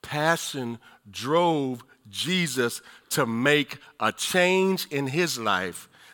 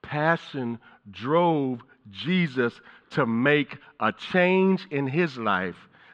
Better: first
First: none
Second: muffled; very; fading above 2.5 kHz

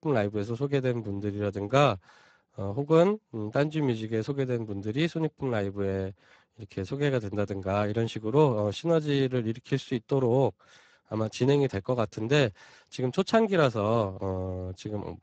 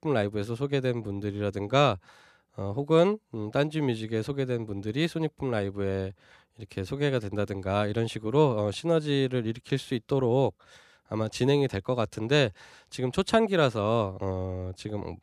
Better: second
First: garbled, watery; badly; nothing above 7.5 kHz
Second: none

